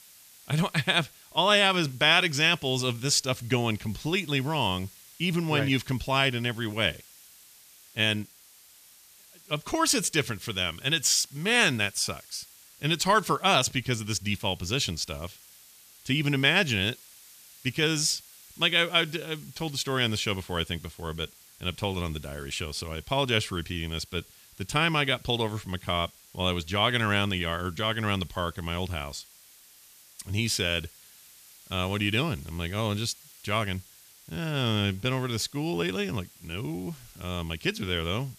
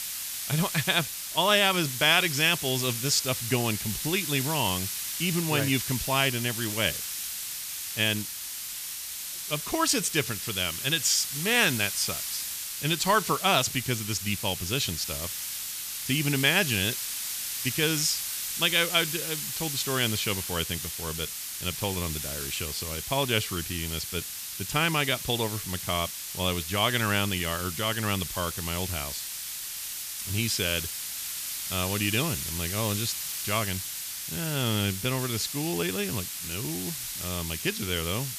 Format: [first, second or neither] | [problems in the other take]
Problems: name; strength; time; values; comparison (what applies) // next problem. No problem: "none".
first | hiss; loud; throughout; 4 dB below the speech; faint in the first